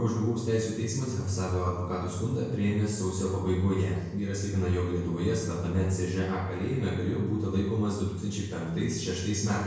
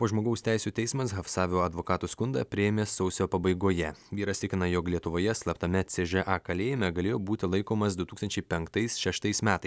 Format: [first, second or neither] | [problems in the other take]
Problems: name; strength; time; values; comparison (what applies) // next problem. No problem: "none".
second | room echo; dies away in 1 s